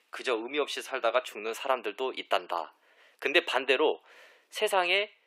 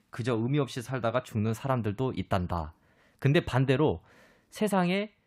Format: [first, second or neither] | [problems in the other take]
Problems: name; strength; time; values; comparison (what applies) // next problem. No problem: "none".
second | thin; very; fading below 400 Hz